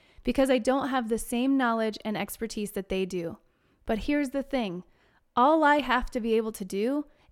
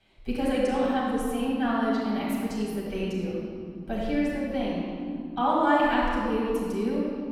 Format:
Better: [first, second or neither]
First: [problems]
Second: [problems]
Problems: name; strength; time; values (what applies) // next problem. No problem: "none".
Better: first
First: none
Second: room echo; strong; dies away in 2.8 s // off-mic speech; far